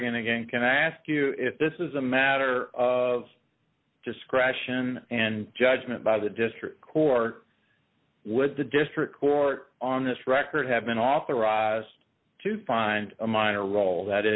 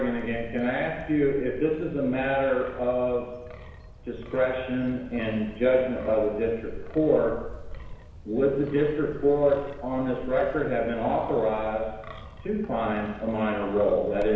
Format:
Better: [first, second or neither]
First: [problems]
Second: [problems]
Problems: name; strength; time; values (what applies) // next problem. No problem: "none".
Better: first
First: none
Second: background sound (Wind); 14 dB below the speech // room echo; dies away in 1 s